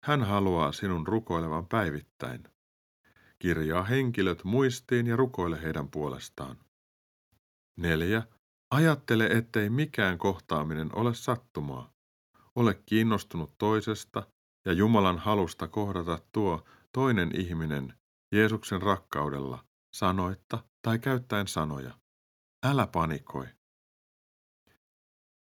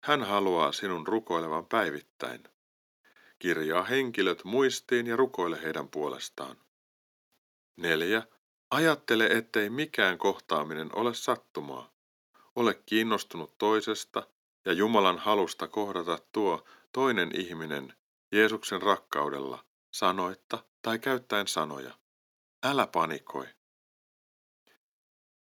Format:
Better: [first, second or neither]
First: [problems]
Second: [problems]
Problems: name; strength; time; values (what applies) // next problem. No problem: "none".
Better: first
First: none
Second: thin; somewhat; fading below 350 Hz